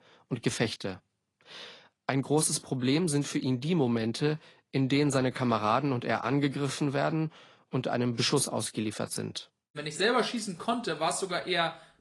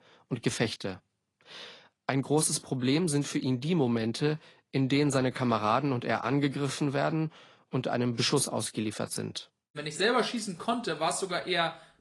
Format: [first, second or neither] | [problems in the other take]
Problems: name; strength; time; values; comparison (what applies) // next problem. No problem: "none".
neither | garbled, watery; slightly; nothing above 10.5 kHz; the same in both